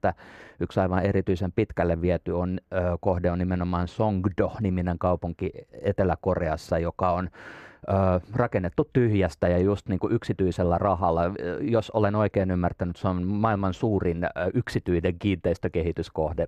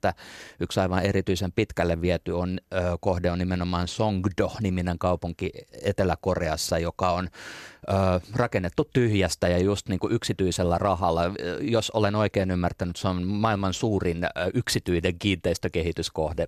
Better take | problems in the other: second | muffled; very; fading above 3 kHz

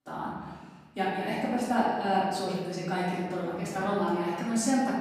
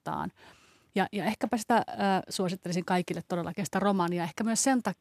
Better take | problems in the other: second | room echo; strong; dies away in 1.3 s // off-mic speech; far

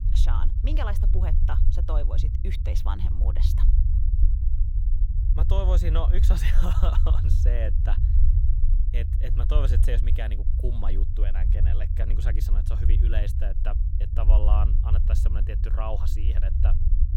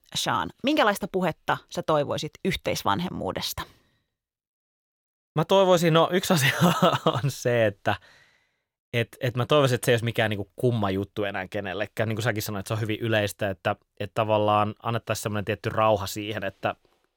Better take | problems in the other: second | low rumble; loud; throughout; 6 dB below the speech

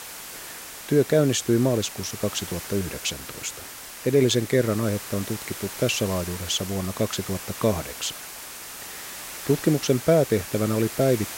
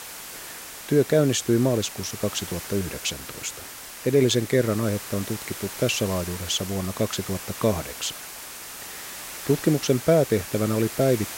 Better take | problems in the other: neither | hiss; noticeable; throughout; 10 dB below the speech; the same in both

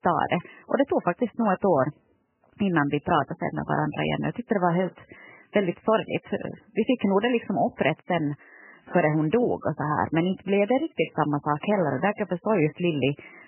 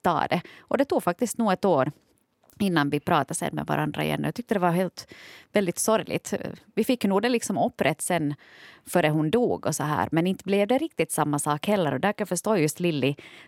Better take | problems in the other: second | garbled, watery; badly; nothing above 3 kHz

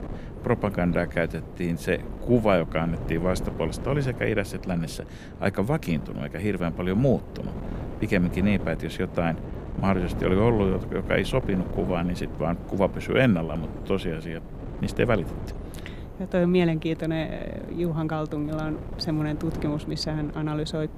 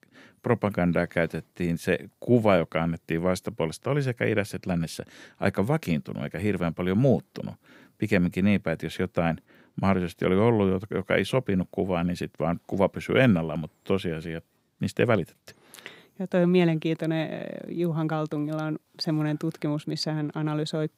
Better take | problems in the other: second | wind noise on the microphone; occasional gusts; 15 dB below the speech

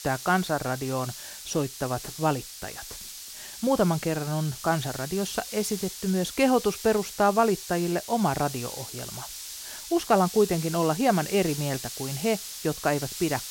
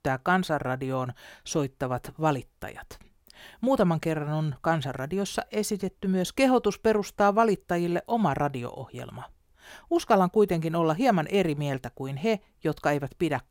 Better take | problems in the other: second | hiss; loud; throughout; 10 dB below the speech

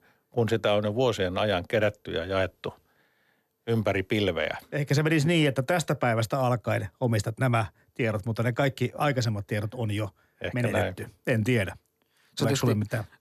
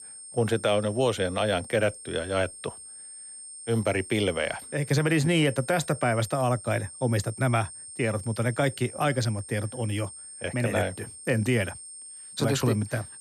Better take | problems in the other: first | high-pitched whine; noticeable; throughout; 8.5 kHz, 15 dB below the speech

